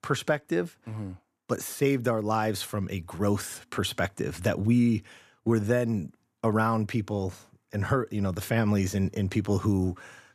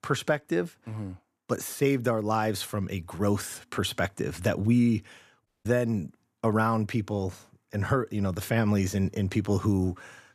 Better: first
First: none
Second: audio cutting out; at 5.5 s

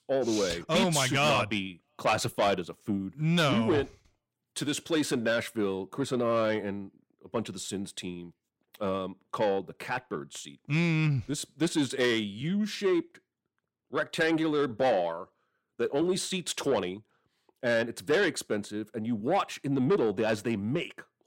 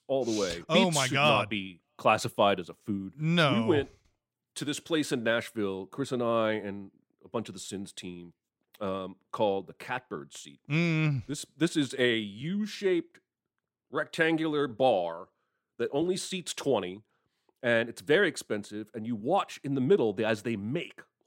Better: second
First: distortion; slight; 10 dB below the speech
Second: none

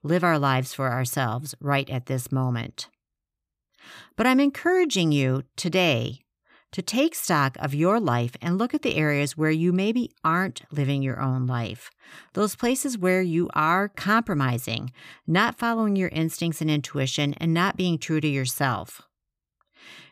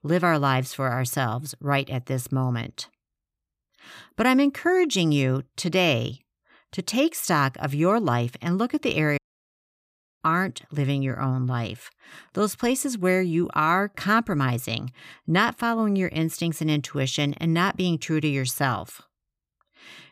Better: first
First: none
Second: audio cutting out; at 9 s for 1 s

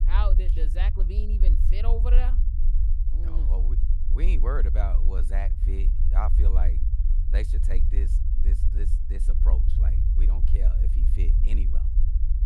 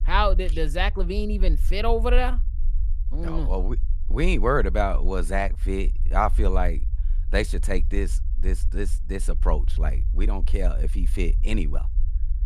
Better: second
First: low rumble; loud; throughout; 6 dB below the speech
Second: low rumble; faint; throughout; 20 dB below the speech

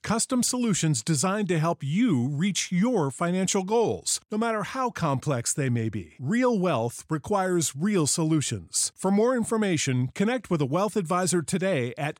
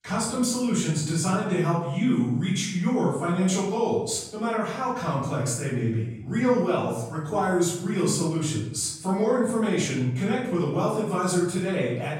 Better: first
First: none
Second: off-mic speech; far // room echo; noticeable; dies away in 0.7 s

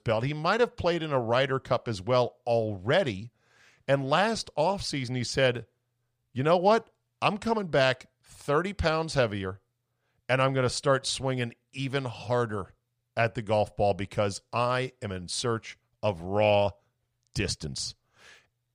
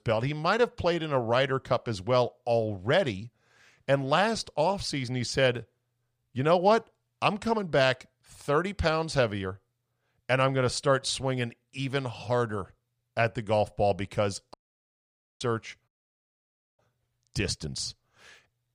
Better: first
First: none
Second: audio cutting out; at 15 s for 1 s and at 16 s for 1 s

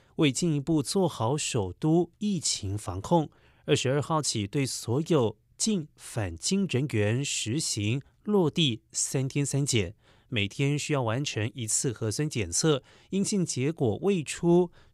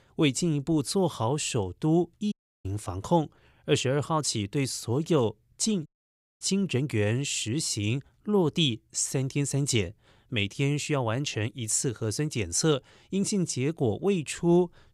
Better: first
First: none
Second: audio cutting out; at 2.5 s and at 6 s for 0.5 s

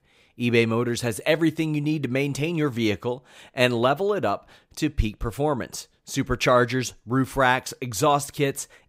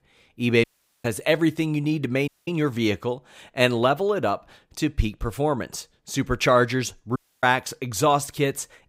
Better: first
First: none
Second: audio cutting out; at 0.5 s, at 2.5 s and at 7 s

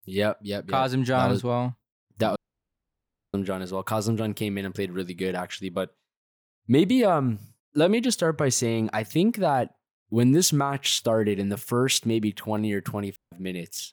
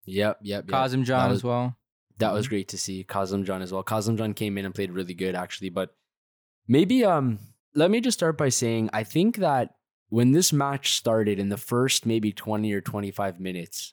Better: second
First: audio cutting out; at 2.5 s for 1 s and at 13 s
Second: none

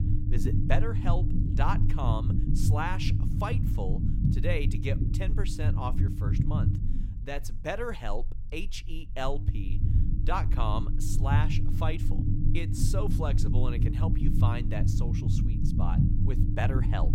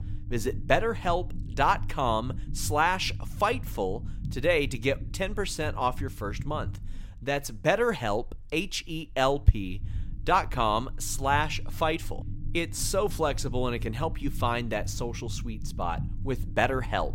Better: second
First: low rumble; loud; throughout; 5 dB below the speech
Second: low rumble; faint; throughout; 25 dB below the speech

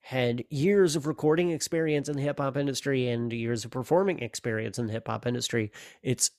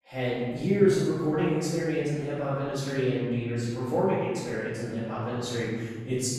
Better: first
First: none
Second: off-mic speech; far // room echo; strong; dies away in 1.7 s

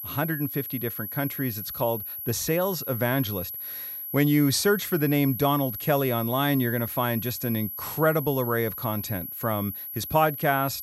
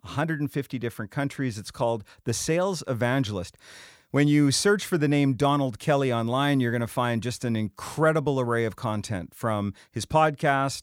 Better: second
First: high-pitched whine; loud; throughout; 12 kHz, 6 dB below the speech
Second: none

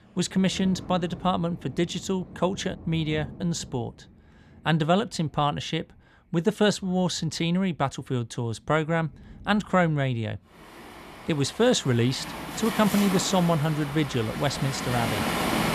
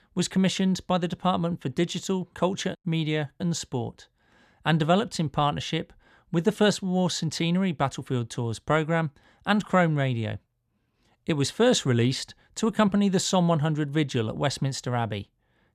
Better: second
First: rain or running water; loud; throughout; 8 dB below the speech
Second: none

